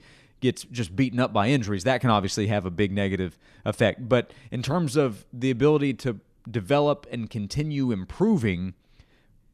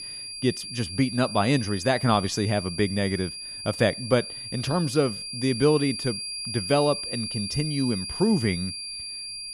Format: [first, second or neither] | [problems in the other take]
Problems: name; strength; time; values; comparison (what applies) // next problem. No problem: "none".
first | high-pitched whine; loud; throughout; 4.5 kHz, 7 dB below the speech